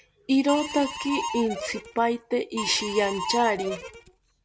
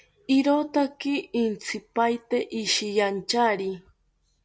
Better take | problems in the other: second | background sound (Harmonica); 8 dB below the speech

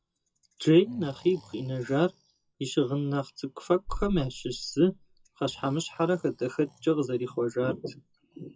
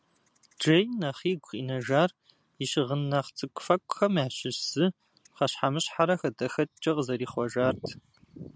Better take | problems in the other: second | noise reduction (classical method WPE with log-MMSE)

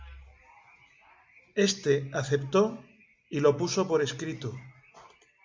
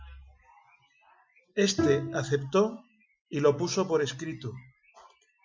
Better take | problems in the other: first | noise reduction (classical method Wiener filter)

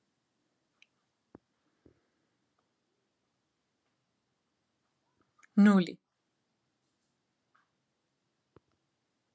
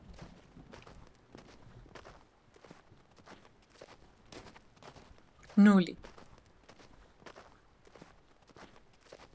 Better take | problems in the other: first | background sound (Walk, footsteps + Thunder / Rain); 19 dB below the speech

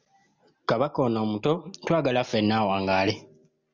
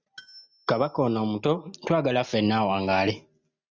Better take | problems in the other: first | noise reduction (neural mask model RNNoise)

